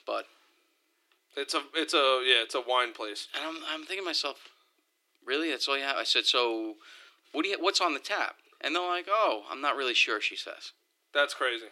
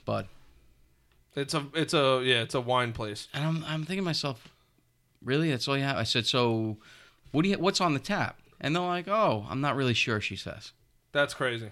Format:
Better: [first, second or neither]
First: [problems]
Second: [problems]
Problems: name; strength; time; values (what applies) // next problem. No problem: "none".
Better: second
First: thin; very; fading below 300 Hz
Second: none